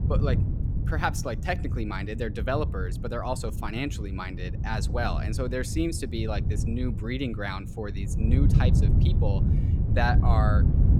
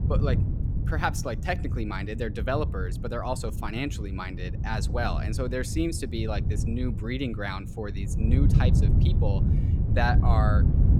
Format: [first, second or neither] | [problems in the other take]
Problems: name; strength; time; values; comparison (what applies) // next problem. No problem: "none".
neither | wind noise on the microphone; heavy; 8 dB below the speech; the same in both